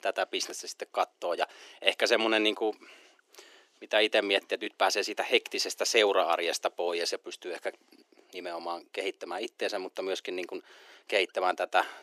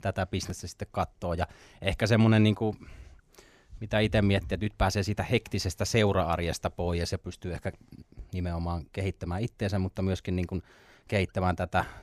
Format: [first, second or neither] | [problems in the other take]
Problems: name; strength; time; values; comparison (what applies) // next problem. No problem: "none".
second | thin; very; fading below 350 Hz